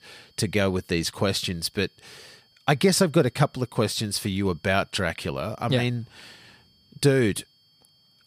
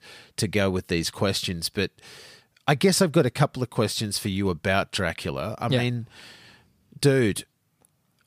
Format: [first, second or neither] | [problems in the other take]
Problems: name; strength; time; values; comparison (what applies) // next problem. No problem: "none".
second | high-pitched whine; faint; throughout; 4.5 kHz, 35 dB below the speech